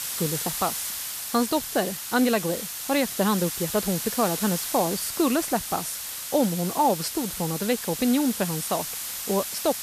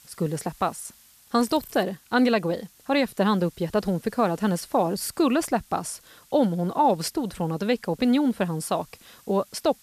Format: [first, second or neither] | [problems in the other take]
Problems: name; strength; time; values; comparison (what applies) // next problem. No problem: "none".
second | hiss; loud; throughout; 4 dB below the speech; faint in the second